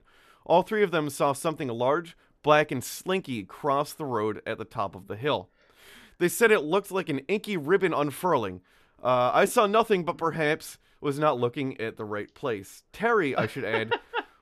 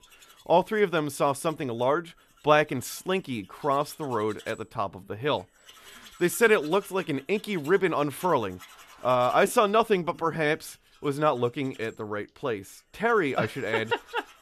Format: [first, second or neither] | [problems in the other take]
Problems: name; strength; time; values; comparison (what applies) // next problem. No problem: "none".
first | machinery noise; faint; throughout; 25 dB below the speech